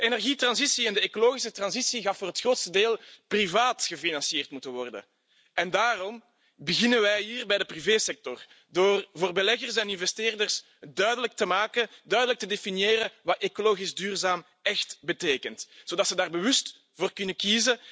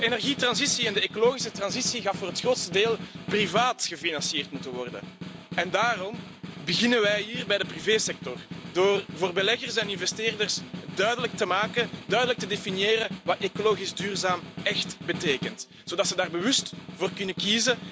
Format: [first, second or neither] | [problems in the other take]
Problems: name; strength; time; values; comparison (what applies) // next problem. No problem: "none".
first | background sound (Snare drum); 11 dB below the speech